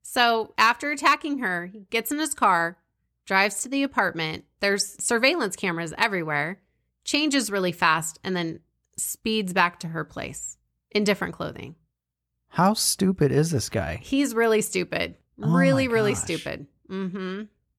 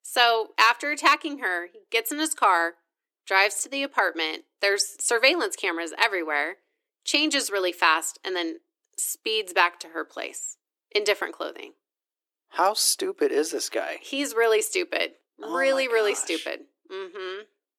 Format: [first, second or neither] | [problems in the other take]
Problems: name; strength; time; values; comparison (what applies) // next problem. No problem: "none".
first | thin; somewhat; fading below 300 Hz